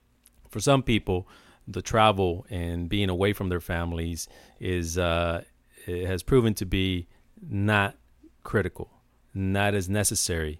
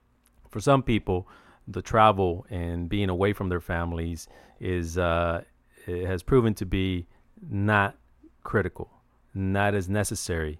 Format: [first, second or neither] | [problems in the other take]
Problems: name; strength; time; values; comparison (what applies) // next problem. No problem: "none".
first | muffled; slightly; fading above 2.5 kHz